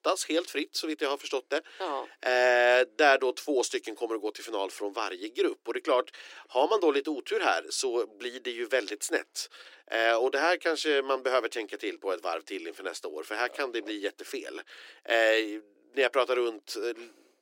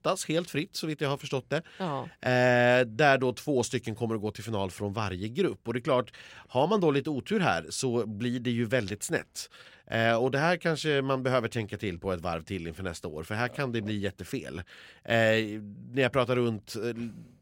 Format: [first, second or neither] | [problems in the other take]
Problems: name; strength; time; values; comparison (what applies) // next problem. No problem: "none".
second | thin; very; fading below 300 Hz